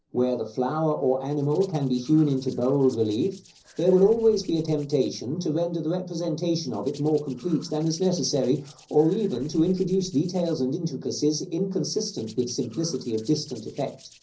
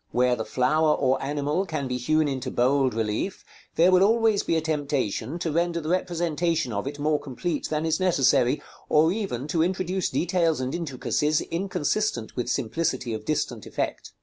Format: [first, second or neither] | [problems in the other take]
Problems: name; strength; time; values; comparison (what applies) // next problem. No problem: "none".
second | noise reduction (neural separator model SepFormer DNS4)